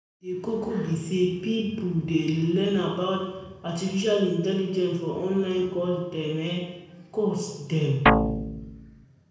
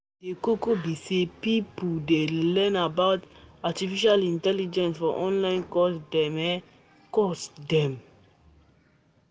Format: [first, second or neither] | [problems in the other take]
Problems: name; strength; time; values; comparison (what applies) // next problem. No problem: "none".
second | background sound (Guitar); 3 dB above the speech // room echo; dies away in 1 s